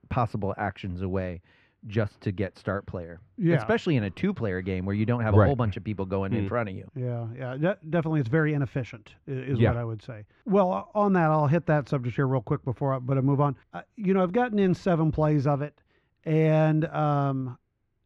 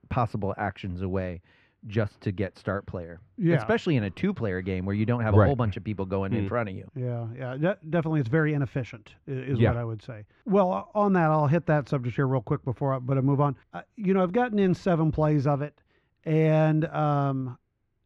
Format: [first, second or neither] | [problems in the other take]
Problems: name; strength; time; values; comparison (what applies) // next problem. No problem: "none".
neither | muffled; very; fading above 2 kHz; the same in both